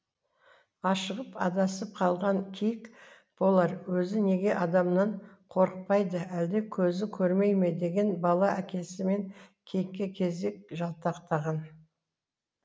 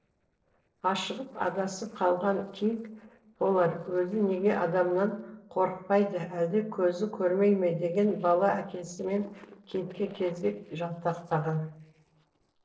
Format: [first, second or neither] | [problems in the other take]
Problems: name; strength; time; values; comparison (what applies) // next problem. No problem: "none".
first | noise reduction (neural separator model SepFormer DNS4)